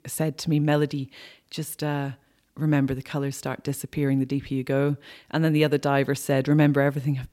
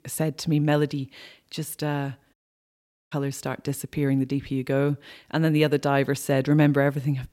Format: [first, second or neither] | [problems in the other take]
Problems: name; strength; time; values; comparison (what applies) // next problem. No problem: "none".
first | audio cutting out; at 2.5 s for 1 s